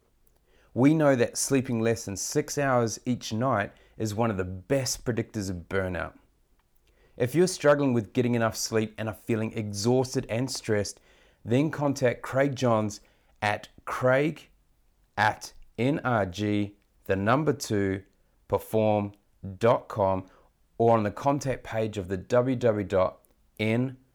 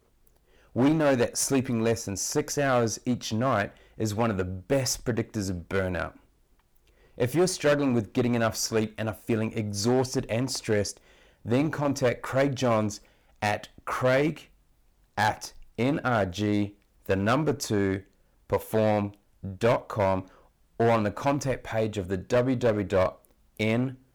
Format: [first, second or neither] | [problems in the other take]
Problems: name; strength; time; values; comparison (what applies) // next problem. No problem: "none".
first | distortion; slight; 6% of the sound clipped